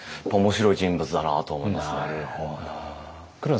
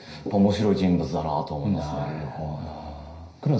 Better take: first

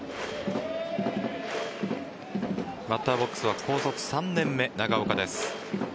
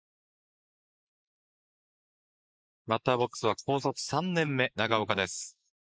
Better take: first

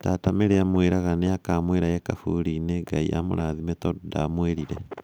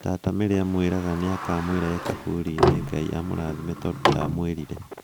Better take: first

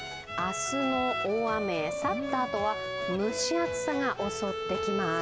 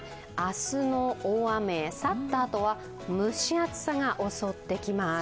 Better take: second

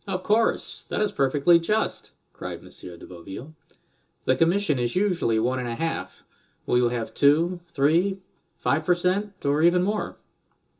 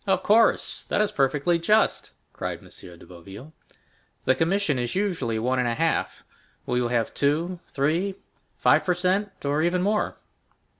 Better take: second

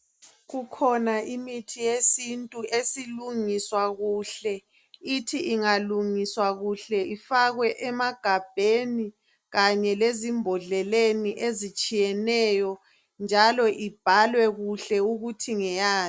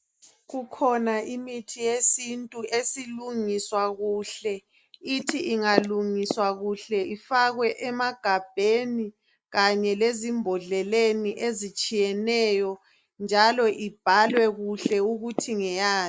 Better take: first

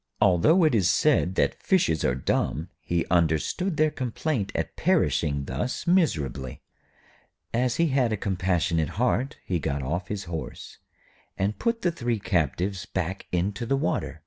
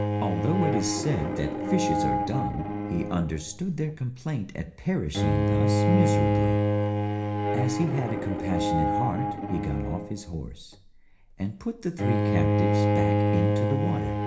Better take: first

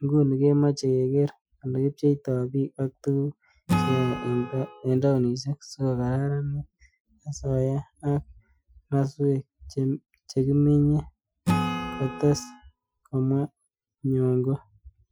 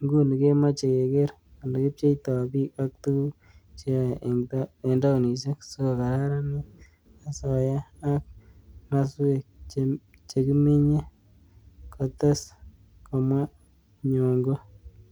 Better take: second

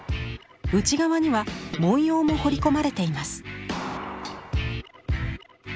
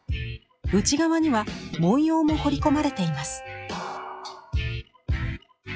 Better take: first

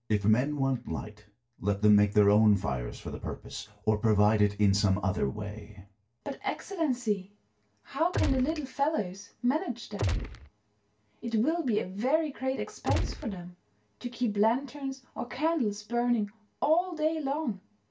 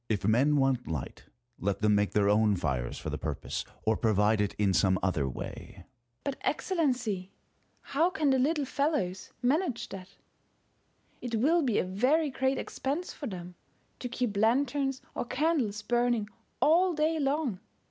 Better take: second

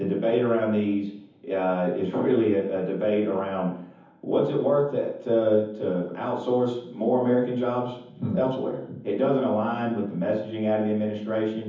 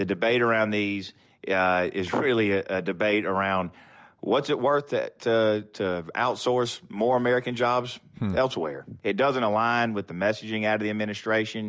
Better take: second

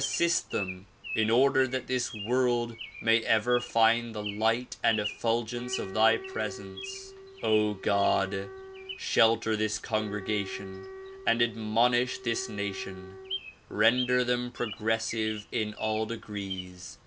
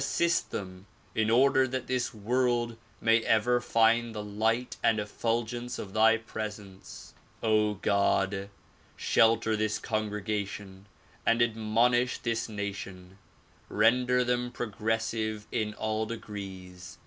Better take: second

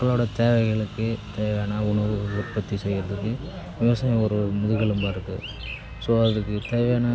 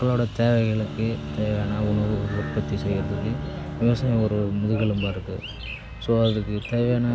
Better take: first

